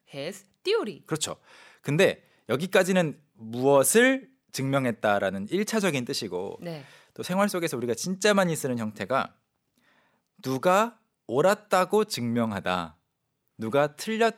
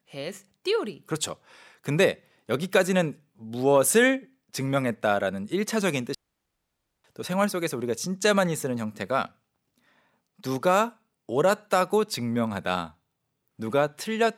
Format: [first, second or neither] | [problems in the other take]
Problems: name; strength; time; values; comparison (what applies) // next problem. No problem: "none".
first | audio cutting out; at 6 s for 1 s